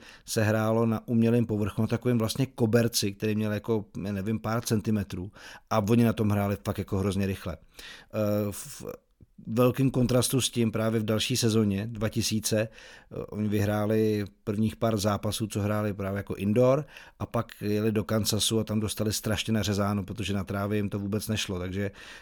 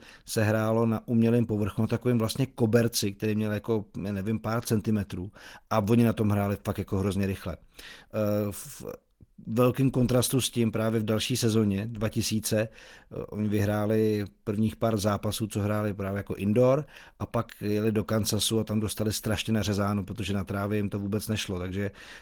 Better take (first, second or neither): first